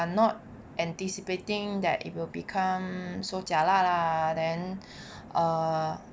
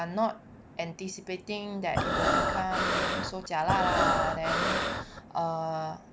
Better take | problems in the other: first | background sound (Breathing); 4 dB above the speech

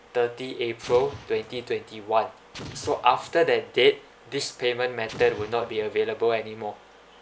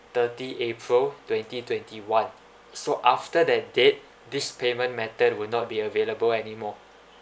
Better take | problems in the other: second | background sound (Explosion); 18 dB below the speech

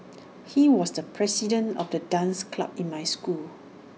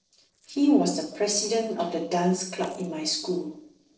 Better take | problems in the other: first | noise reduction (neural separator model SepFormer DNS4)

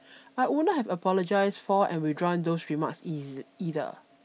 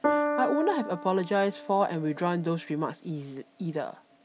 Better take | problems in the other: first | background sound (Piano); 4 dB below the speech

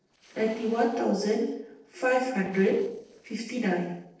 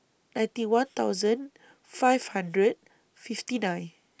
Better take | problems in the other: second | noise reduction (neural separator model SepFormer DNS4)

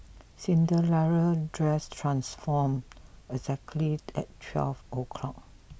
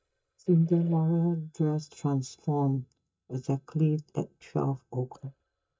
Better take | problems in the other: first | noise reduction (neural mask model DeepFilterNet 3)

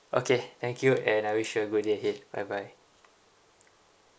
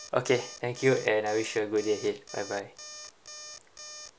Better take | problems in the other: first | background sound (Alarm); 15 dB below the speech

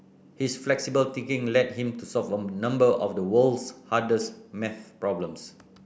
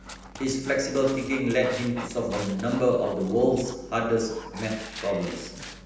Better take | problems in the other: first | background sound (Dog); 14 dB below the speech // room echo; dies away in 0.9 s

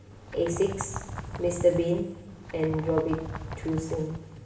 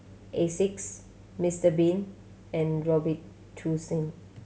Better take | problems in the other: second | background sound (Bird); 9 dB below the speech // room echo; dies away in 1 s

